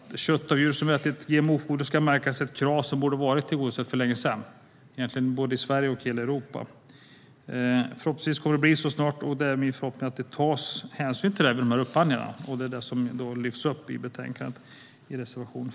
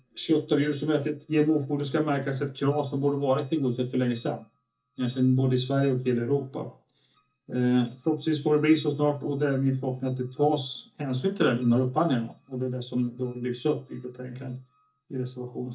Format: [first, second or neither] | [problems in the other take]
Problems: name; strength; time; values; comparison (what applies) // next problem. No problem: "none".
first | noise reduction (neural mask model DeepFilterNet 3)